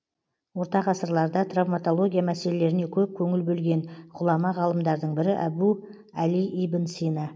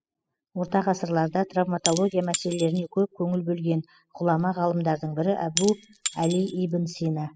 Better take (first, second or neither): first